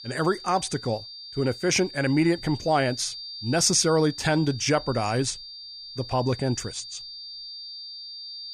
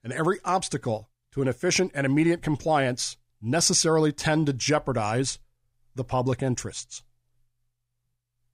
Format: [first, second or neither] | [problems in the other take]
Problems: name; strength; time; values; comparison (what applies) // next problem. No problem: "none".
second | high-pitched whine; noticeable; throughout; 4.5 kHz, 15 dB below the speech